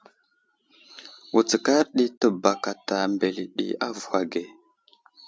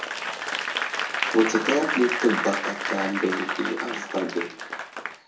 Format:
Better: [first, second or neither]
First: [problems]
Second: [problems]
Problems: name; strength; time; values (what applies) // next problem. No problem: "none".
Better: first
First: none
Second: background sound (Applause / Crowd); 2 dB below the speech // room echo; dies away in 0.6 s